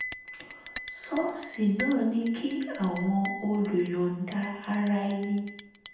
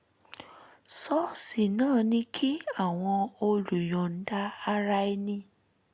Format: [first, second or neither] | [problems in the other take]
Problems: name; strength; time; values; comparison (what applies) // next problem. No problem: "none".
second | background sound (Chink, clink); 13 dB below the speech // room echo; dies away in 0.8 s